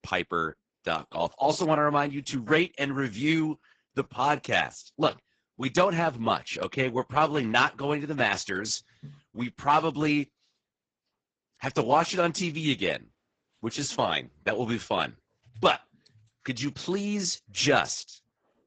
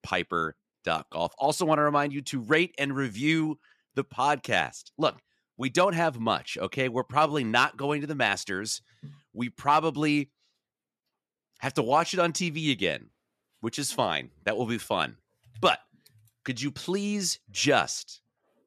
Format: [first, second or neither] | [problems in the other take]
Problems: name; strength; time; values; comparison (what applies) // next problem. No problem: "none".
second | garbled, watery; badly; nothing above 7.5 kHz